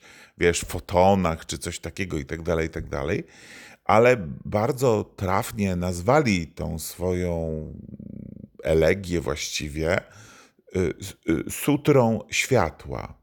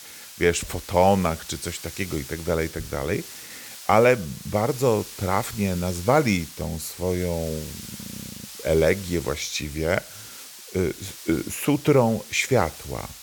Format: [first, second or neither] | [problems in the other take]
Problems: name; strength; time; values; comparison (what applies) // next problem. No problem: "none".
first | hiss; noticeable; throughout; 15 dB below the speech